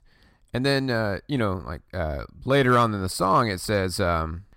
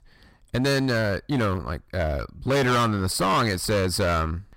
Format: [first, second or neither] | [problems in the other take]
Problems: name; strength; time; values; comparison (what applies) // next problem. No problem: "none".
first | distortion; heavy; 16% of the sound clipped